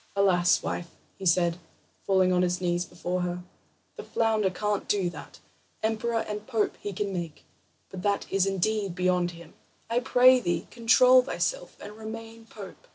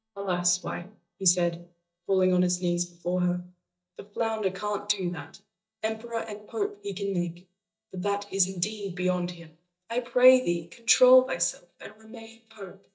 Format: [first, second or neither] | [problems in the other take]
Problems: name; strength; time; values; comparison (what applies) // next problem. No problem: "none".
first | noise reduction (neural mask model DeepFilterNet 3)